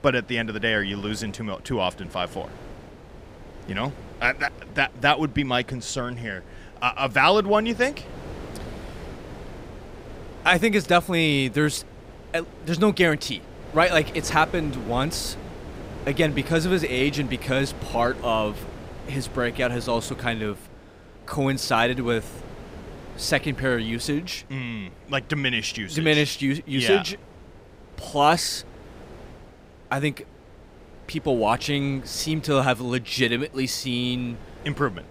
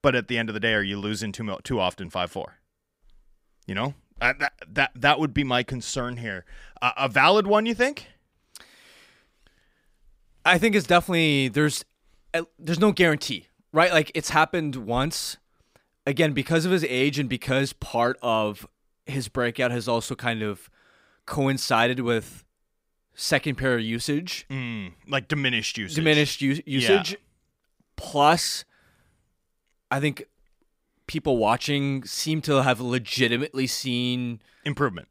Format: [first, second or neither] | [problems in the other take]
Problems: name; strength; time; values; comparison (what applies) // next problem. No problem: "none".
second | wind noise on the microphone; occasional gusts; 20 dB below the speech